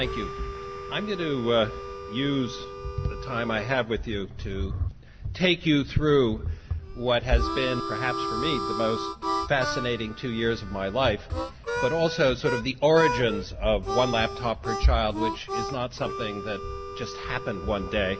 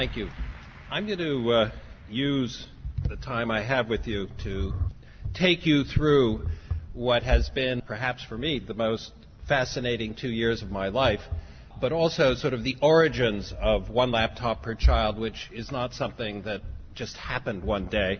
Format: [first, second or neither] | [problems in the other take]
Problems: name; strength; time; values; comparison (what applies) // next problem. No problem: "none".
second | background sound (Harmonica); 8 dB below the speech